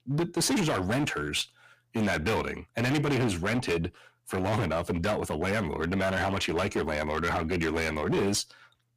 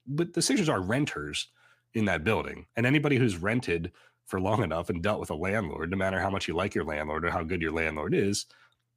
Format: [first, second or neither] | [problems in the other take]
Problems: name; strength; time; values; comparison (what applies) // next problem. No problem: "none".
second | distortion; heavy; 16% of the sound clipped